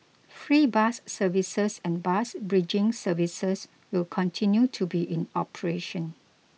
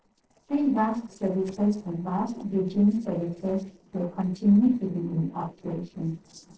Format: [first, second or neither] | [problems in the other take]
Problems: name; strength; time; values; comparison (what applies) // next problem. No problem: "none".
first | noise reduction (neural separator model SepFormer DNS4)